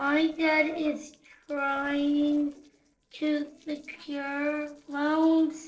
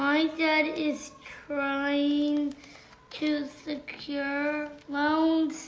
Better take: second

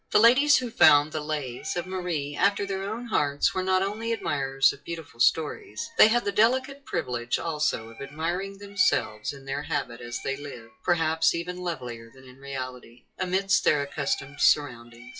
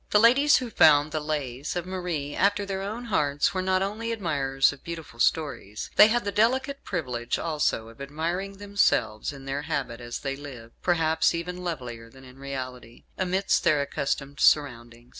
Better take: second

